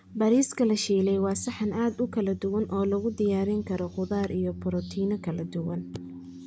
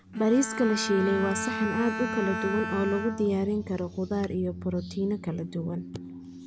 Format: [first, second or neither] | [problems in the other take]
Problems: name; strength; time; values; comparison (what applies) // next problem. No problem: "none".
first | background sound (Bowed string instrument); 8 dB below the speech